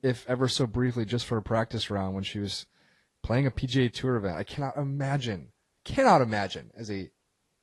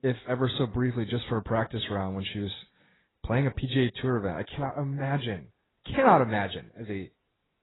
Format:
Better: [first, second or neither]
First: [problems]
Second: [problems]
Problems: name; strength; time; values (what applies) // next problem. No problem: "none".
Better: first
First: garbled, watery; slightly; nothing above 11.5 kHz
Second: garbled, watery; badly; nothing above 4 kHz